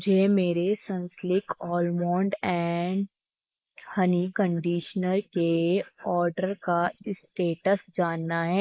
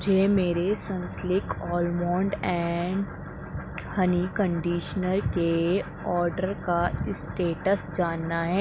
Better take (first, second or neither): second